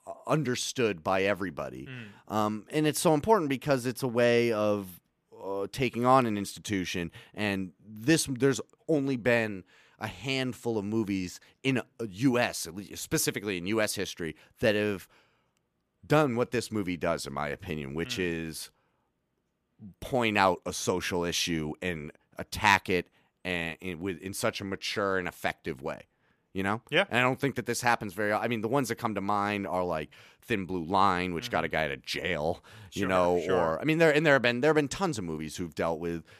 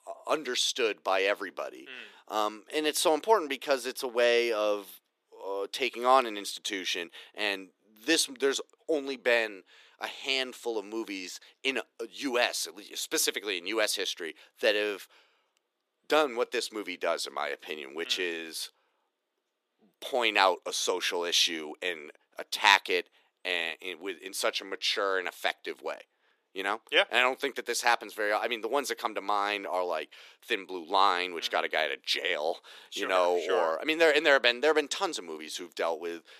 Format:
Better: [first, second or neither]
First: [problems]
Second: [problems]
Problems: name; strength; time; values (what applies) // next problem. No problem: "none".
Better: first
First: none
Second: thin; somewhat; fading below 350 Hz